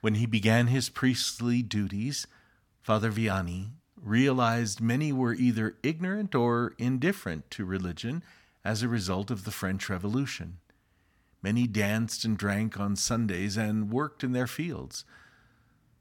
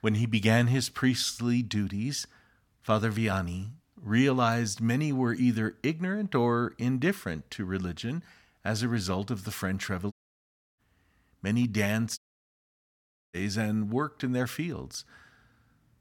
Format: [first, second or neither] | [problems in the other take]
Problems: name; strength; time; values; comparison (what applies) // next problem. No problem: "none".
first | audio cutting out; at 10 s for 0.5 s and at 12 s for 1 s